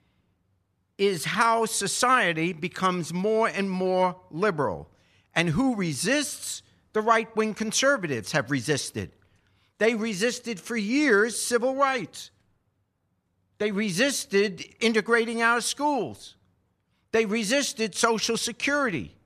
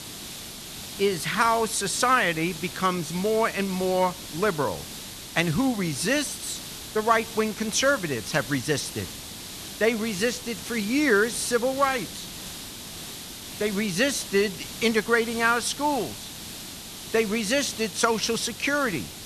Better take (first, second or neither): first